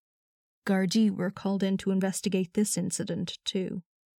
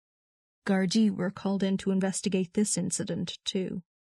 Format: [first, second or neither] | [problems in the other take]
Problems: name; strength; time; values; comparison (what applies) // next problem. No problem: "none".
first | garbled, watery; slightly